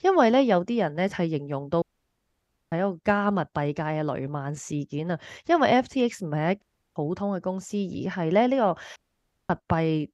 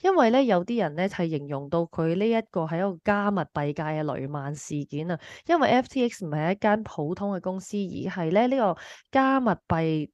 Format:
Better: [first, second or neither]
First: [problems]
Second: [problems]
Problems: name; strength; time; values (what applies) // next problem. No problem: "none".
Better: second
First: audio cutting out; at 2 s for 1 s, at 6.5 s and at 9 s for 0.5 s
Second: none